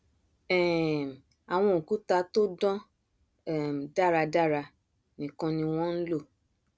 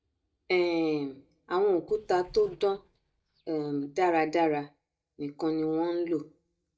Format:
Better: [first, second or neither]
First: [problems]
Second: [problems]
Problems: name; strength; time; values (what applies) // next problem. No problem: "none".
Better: first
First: none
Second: noise reduction (neural mask model DeepFilterNet 3)